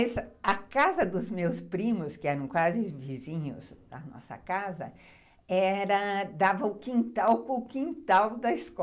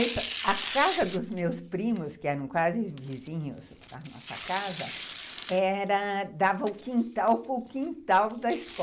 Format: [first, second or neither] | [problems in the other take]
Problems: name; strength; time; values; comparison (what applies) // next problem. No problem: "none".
first | background sound (Tearing); 13 dB below the speech